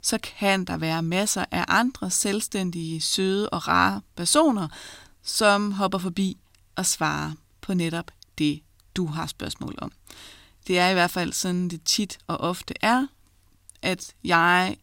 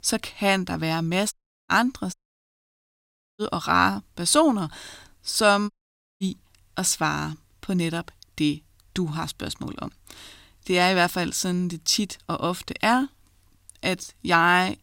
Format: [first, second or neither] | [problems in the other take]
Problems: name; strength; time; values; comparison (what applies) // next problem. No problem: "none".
first | audio cutting out; at 1.5 s, at 2 s for 1.5 s and at 5.5 s for 0.5 s